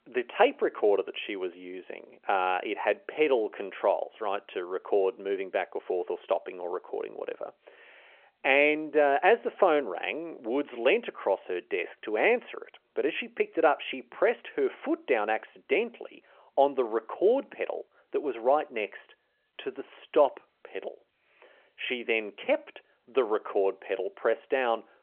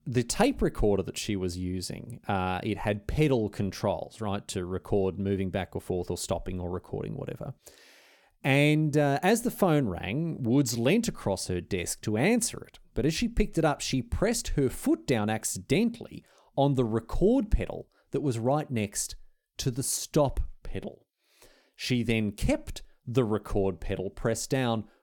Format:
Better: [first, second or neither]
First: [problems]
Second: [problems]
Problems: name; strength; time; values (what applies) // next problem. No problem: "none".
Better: second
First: phone-call audio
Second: none